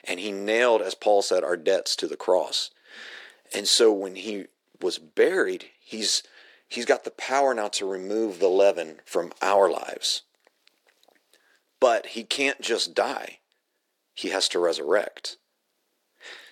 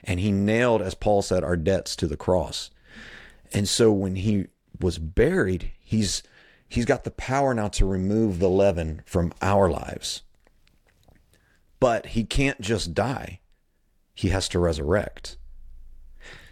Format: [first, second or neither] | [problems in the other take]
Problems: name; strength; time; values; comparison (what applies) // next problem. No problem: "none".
second | thin; very; fading below 350 Hz